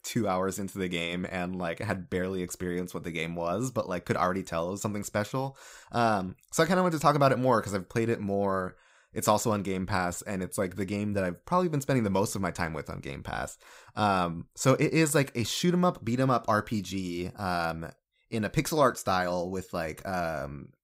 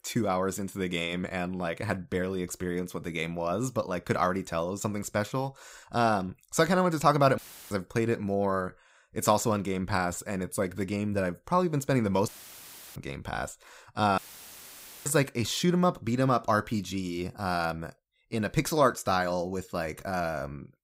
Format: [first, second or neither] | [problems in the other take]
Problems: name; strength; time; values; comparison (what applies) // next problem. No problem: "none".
first | audio cutting out; filled with static; at 7.5 s, at 12 s for 0.5 s and at 14 s for 1 s